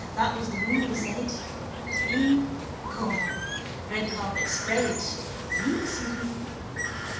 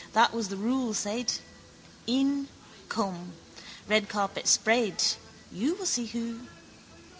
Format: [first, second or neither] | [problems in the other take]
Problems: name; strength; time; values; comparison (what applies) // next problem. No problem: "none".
second | background sound (Bird); 2 dB below the speech // room echo; dies away in 0.9 s